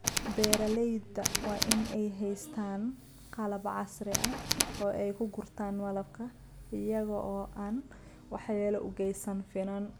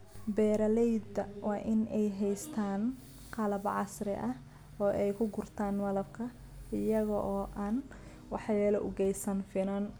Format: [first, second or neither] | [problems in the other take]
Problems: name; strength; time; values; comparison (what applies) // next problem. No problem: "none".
second | background sound (Tools); 2 dB above the speech